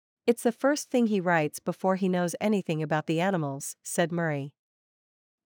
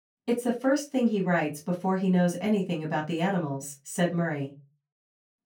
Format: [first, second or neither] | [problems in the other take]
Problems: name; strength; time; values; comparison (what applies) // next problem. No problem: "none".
first | off-mic speech; far // room echo; very slight; dies away in 0.2 s